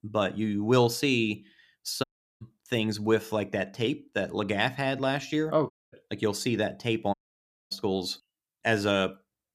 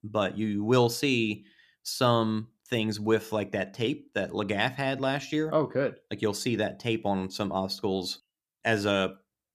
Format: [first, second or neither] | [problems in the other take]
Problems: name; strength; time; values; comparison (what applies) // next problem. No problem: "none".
second | audio cutting out; at 2 s, at 5.5 s and at 7 s for 0.5 s